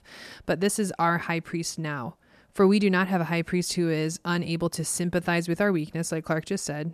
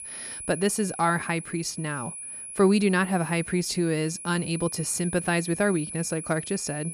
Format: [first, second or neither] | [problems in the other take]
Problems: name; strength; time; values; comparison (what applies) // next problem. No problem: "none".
first | high-pitched whine; loud; throughout; 10 kHz, 10 dB below the speech